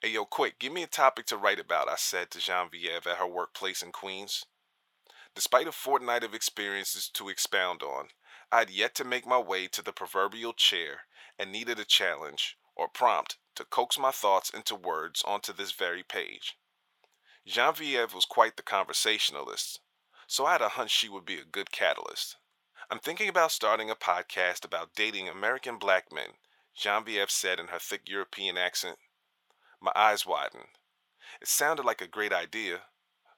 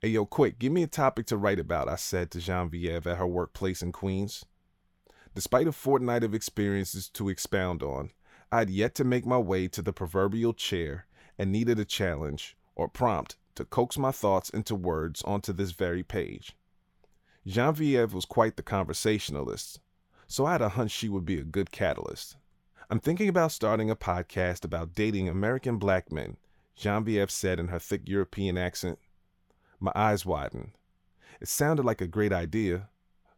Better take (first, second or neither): second